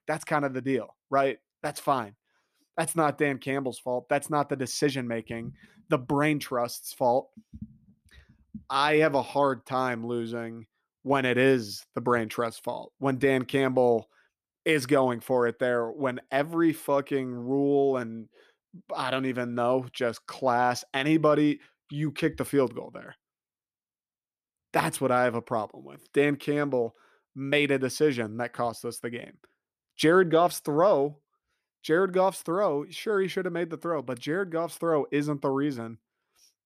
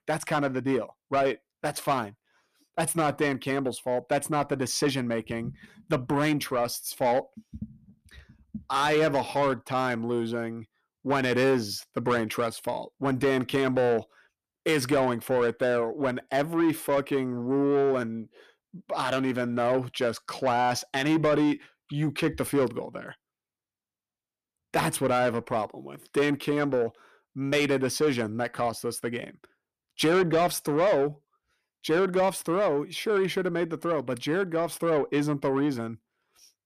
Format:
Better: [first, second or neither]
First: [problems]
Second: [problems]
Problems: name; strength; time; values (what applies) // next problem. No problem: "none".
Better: first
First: none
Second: distortion; slight; 10 dB below the speech